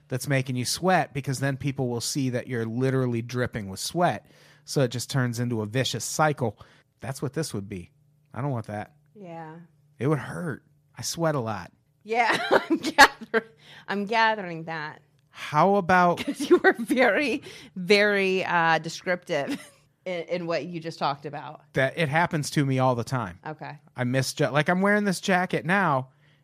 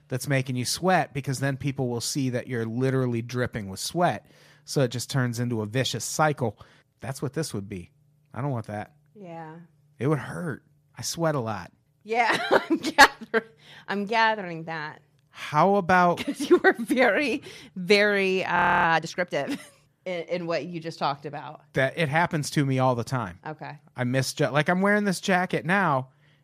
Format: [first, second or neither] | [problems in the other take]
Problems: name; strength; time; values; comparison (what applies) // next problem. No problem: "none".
first | audio freezing; at 19 s